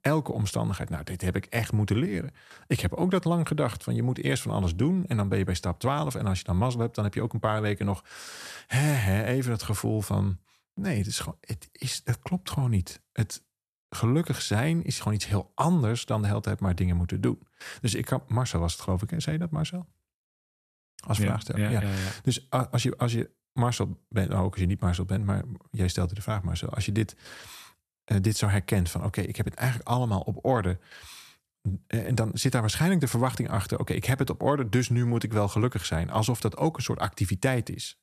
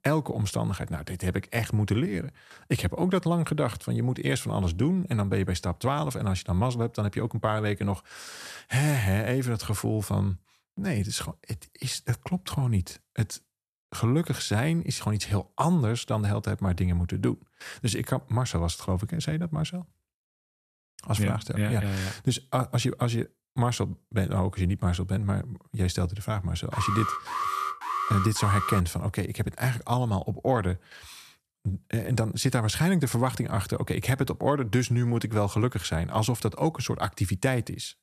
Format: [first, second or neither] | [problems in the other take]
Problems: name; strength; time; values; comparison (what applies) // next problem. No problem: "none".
first | alarm; noticeable; from 27 to 29 s; peak 1 dB below the speech